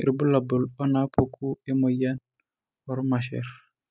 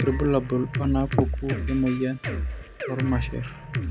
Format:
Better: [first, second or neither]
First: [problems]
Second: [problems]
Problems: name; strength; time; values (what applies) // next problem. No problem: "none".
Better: first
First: none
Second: background sound (Drum kit); 3 dB below the speech